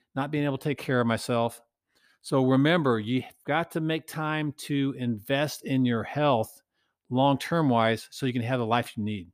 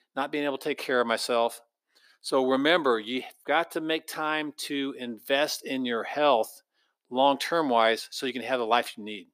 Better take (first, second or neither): first